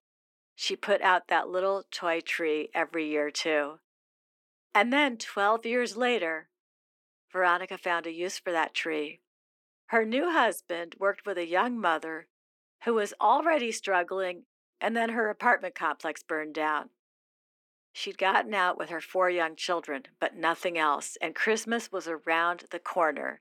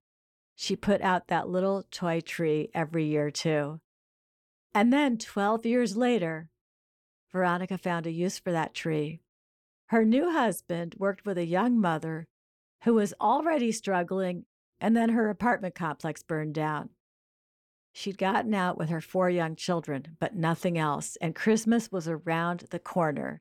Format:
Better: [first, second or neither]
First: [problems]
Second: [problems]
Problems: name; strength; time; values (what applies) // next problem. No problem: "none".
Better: second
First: thin; somewhat; fading below 250 Hz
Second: none